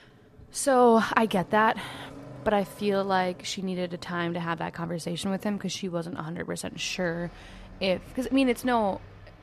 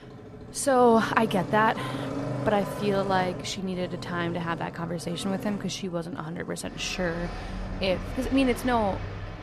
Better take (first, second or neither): first